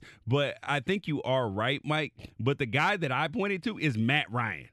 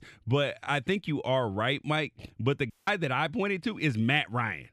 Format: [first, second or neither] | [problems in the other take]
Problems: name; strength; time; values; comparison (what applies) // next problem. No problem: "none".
first | audio cutting out; at 2.5 s